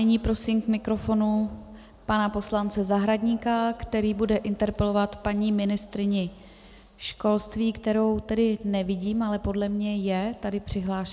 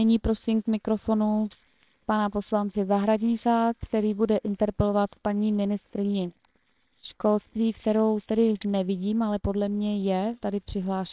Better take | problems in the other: first | noise reduction (neural separator model SepFormer WHAMR!)

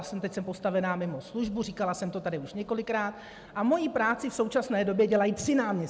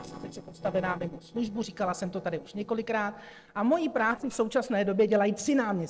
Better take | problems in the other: first | noise reduction (neural separator model SepFormer DNS4)

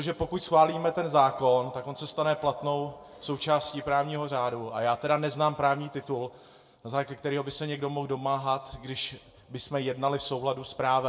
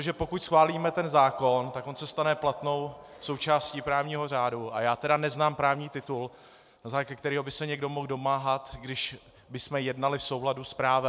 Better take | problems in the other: second | room echo; dies away in 0.6 s

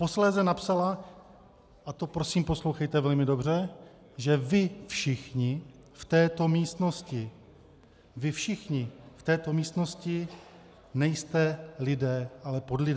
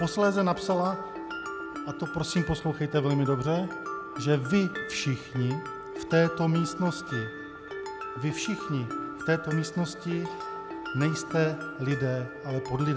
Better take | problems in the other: first | background sound (Mallet percussion); 8 dB below the speech

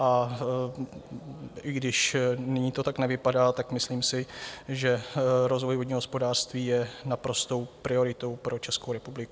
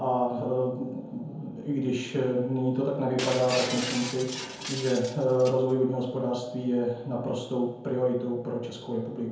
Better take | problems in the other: first | background sound (Shatter); 10 dB below the speech // room echo; dies away in 0.9 s

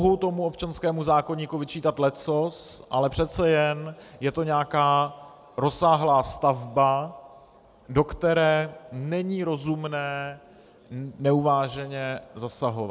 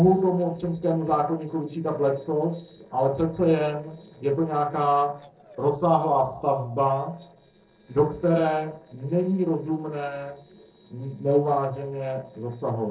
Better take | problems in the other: first | noise reduction (neural separator model SepFormer DNS4)

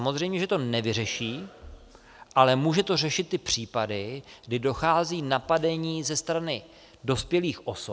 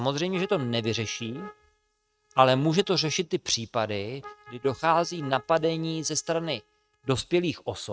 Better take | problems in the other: first | noise reduction (neural mask model RNNoise)

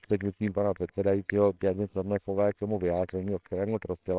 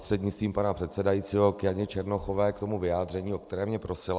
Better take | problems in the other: second | noise reduction (neural separator model SepFormer WHAMR!)

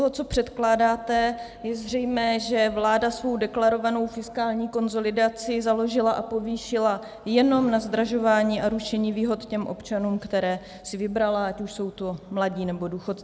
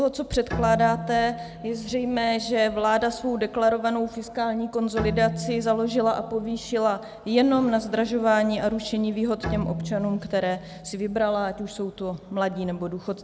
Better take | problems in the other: first | background sound (Bowed string instrument); 12 dB below the speech

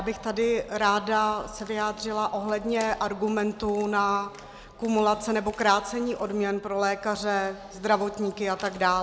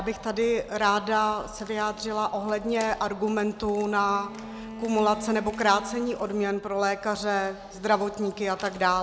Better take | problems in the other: first | background sound (Bowed string instrument); 14 dB below the speech

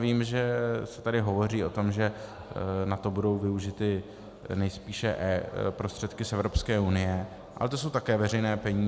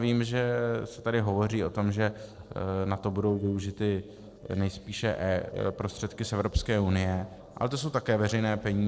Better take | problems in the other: first | noise reduction (neural separator model SepFormer DNS4)

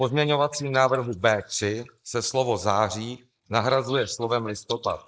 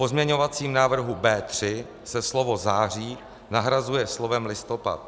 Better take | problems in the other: second | noise reduction (neural mask model Resemble Enhance denoiser)

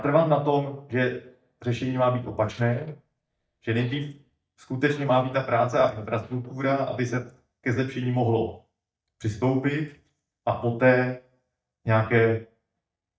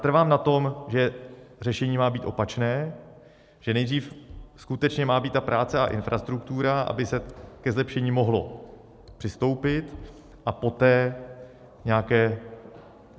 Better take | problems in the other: second | noise reduction (neural mask model DeepFilterNet 3)

